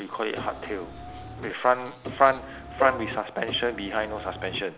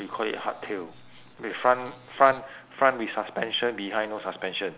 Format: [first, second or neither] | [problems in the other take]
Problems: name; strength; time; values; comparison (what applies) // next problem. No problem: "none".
second | background sound (Plucked string instrument + Car); 9 dB below the speech